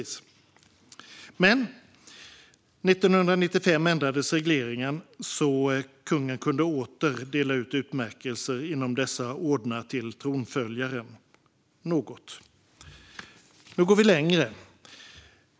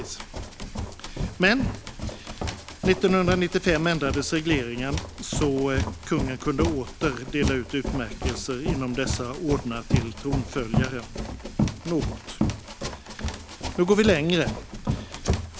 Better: first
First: none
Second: background sound (Run); 3 dB below the speech

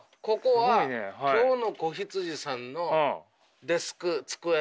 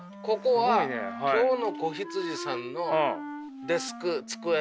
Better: first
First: none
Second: background sound (Wind instrument, woodwind instrument); 11 dB below the speech

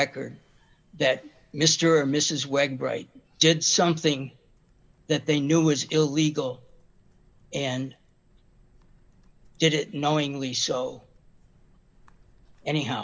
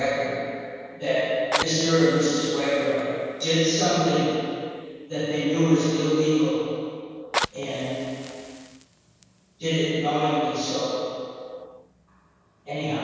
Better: first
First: none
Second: background sound (Fire); 14 dB below the speech // room echo; dies away in 2.2 s

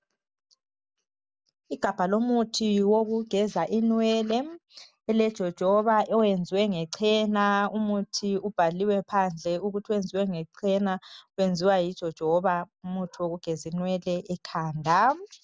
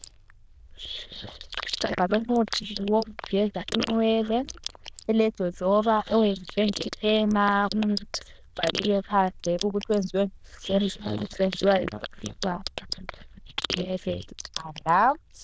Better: first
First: none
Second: noise reduction (neural diffusion model UNIVERSE++)

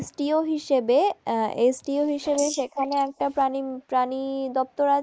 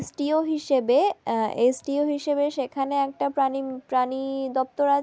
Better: second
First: noise reduction (neural mask model Resemble Enhance denoiser)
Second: none

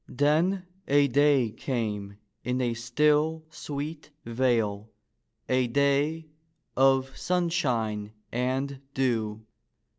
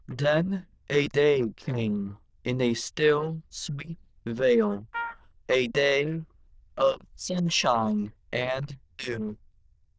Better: first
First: none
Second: noise reduction (neural diffusion model UNIVERSE++)

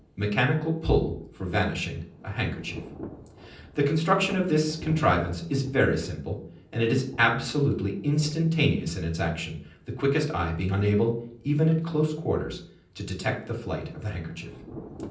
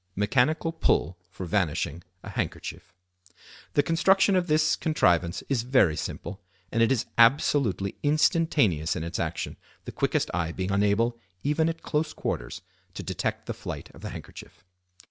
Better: second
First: background sound (Thunder / Rain); 20 dB below the speech // room echo; dies away in 0.6 s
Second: none

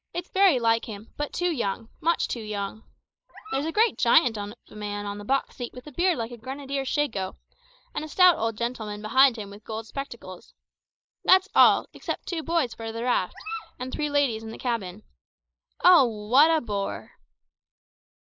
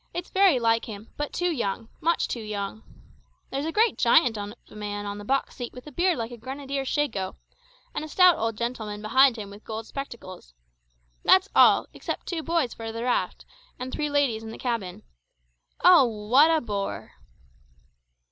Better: second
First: noise reduction (neural mask model Resemble Enhance denoiser)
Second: none

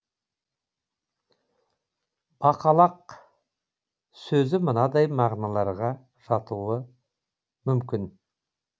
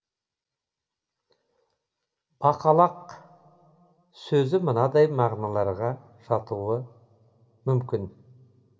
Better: first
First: none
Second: room echo; dies away in 0.5 s

